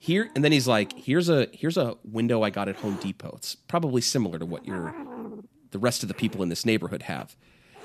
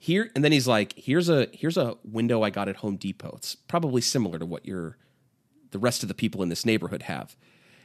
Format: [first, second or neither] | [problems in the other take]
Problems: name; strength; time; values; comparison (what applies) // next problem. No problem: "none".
second | hiss; noticeable; throughout; 15 dB below the speech